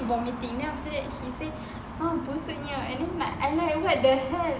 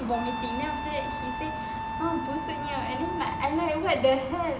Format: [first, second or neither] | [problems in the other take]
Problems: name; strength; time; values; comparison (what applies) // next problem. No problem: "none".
first | background sound (Wind instrument, woodwind instrument); 6 dB below the speech